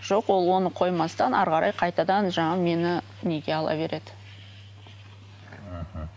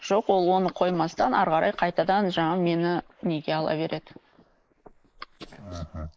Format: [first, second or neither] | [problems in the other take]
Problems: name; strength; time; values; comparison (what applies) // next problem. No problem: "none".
first | noise reduction (neural mask model Resemble Enhance denoiser)